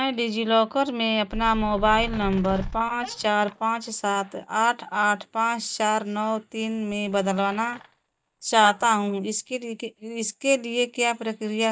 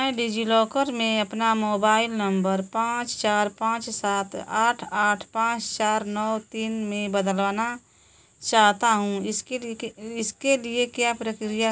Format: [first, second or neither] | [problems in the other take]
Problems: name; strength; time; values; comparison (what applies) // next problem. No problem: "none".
second | noise reduction (neural mask model DeepFilterNet 3)